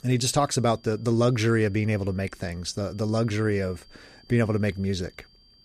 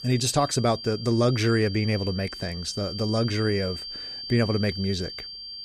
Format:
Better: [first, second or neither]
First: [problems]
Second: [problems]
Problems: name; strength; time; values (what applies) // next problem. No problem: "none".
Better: first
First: high-pitched whine; faint; throughout; 4.5 kHz, 30 dB below the speech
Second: high-pitched whine; loud; throughout; 4.5 kHz, 9 dB below the speech